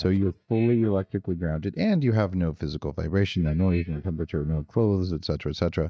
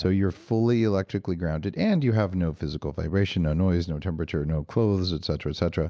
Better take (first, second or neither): second